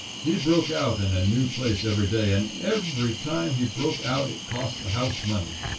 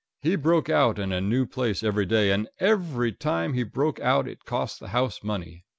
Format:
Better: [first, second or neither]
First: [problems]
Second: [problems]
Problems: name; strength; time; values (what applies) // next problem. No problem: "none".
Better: second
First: background sound (Cricket); 8 dB below the speech // room echo; dies away in 0.2 s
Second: none